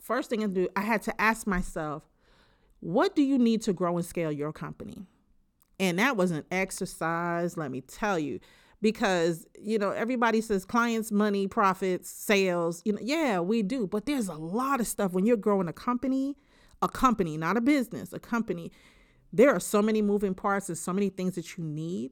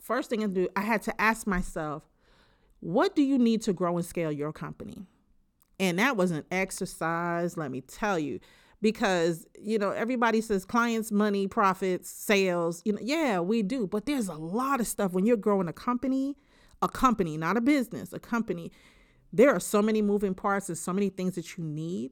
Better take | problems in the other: neither | none

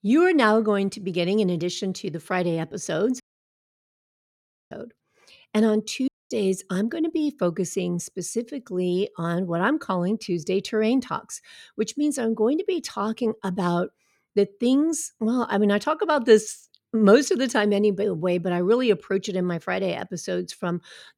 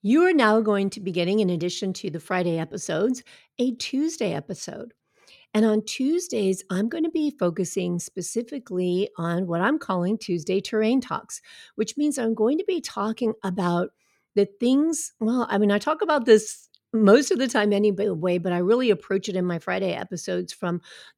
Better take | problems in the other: second | audio cutting out; at 3 s for 1.5 s and at 6 s

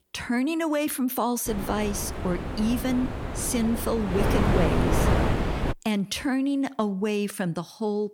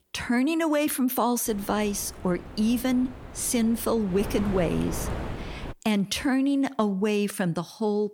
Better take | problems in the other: second | wind noise on the microphone; heavy; from 1.5 to 5.5 s; 1 dB below the speech; occasional gusts in the second

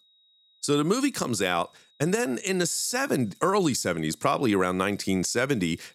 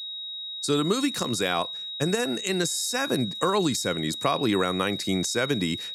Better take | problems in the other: first | high-pitched whine; loud; throughout; 4 kHz, 6 dB below the speech; faint in the first

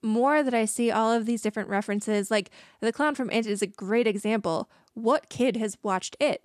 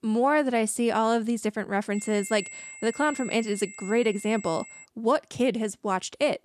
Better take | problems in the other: first | high-pitched whine; noticeable; from 2 to 5 s; 2 kHz, 15 dB below the speech

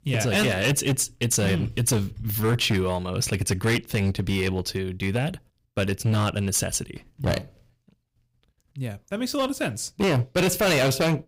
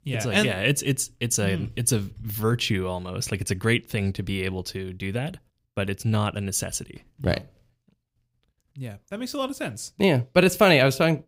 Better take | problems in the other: second | distortion; heavy; 10% of the sound clipped

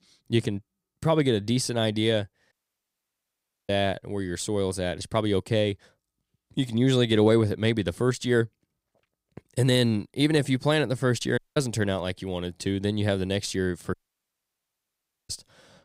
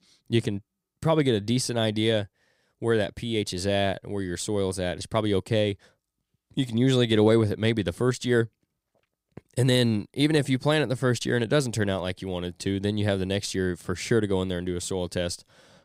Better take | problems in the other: second | audio cutting out; at 2.5 s for 1 s, at 11 s and at 14 s for 1.5 s

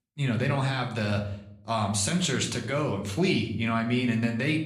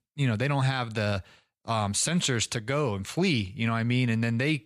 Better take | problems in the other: second | room echo; slight; dies away in 0.6 s

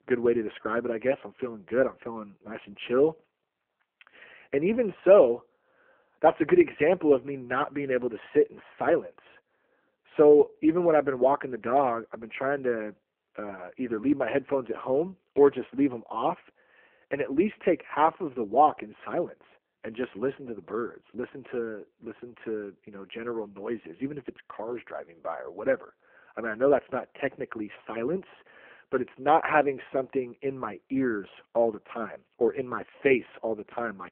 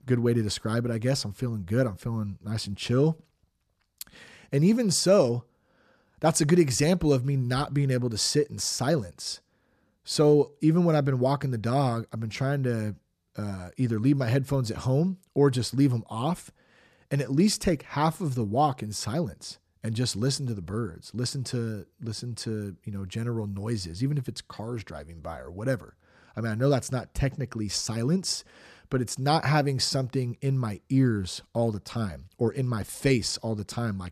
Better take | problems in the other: second | phone-call audio; poor line

